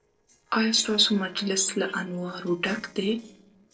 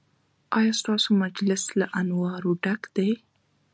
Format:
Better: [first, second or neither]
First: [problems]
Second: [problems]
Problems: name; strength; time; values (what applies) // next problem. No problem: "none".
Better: second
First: noise reduction (neural separator model SepFormer DNS4)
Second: none